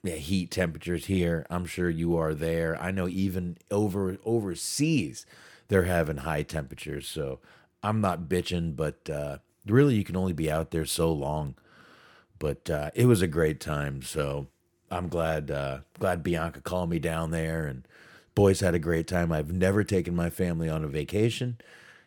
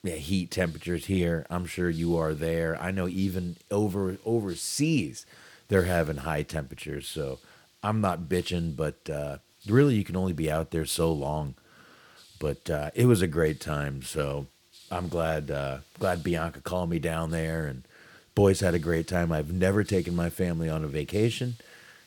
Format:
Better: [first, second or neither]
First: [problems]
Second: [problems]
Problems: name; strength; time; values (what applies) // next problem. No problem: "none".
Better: first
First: none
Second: hiss; faint; throughout; 25 dB below the speech